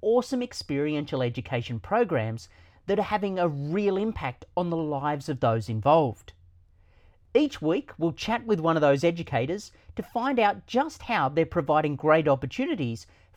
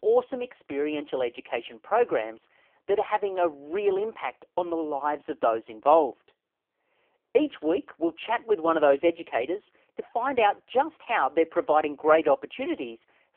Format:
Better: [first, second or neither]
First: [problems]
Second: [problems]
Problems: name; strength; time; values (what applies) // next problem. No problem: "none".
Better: first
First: none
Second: phone-call audio; poor line; nothing above 3 kHz